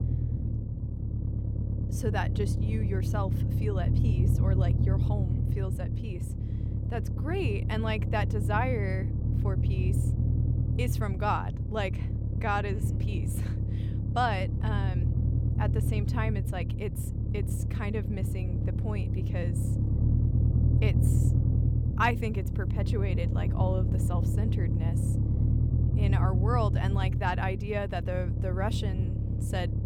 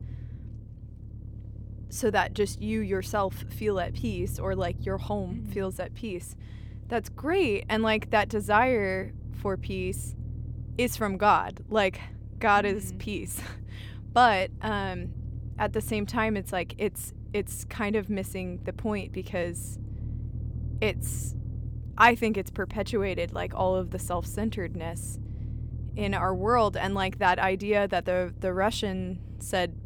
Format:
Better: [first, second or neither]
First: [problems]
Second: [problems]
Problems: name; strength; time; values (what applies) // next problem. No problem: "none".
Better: second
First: low rumble; loud; throughout; 6 dB below the speech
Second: low rumble; faint; throughout; 25 dB below the speech